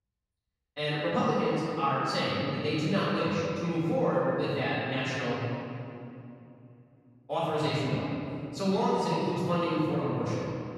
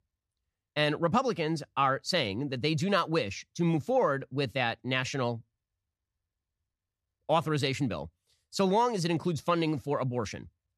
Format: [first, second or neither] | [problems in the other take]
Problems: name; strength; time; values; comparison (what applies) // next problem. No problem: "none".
second | off-mic speech; far // room echo; strong; dies away in 2.7 s